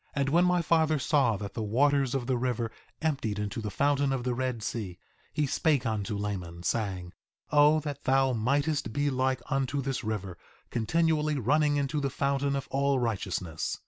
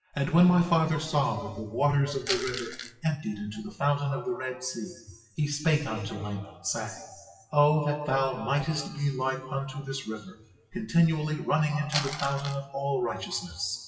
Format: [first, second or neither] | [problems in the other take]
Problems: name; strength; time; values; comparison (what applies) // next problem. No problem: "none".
first | noise reduction (classical method WPE with log-MMSE)